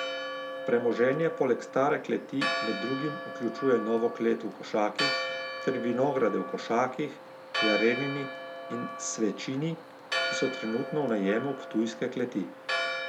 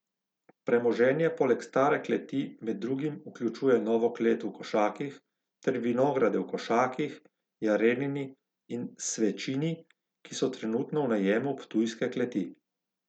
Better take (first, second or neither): second